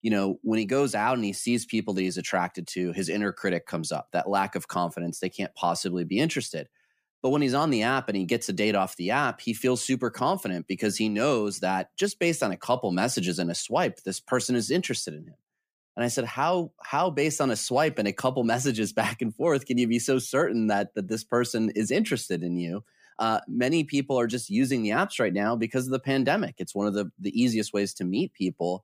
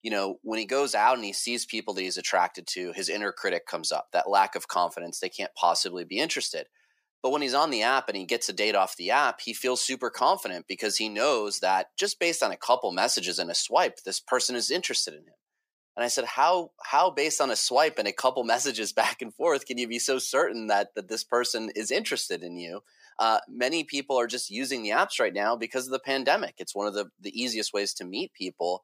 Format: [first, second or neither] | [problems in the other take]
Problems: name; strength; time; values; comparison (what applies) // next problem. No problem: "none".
first | thin; somewhat; fading below 550 Hz